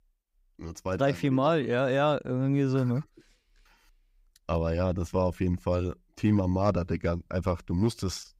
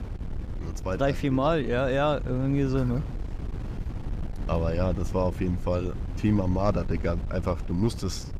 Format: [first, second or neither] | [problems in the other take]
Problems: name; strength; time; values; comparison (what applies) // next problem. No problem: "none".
first | wind noise on the microphone; occasional gusts; 15 dB below the speech